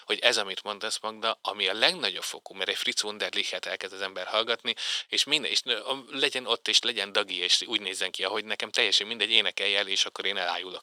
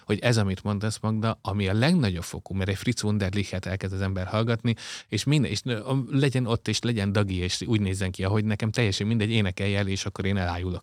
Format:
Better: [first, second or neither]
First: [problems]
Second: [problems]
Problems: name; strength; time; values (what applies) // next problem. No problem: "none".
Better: second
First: thin; very; fading below 500 Hz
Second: none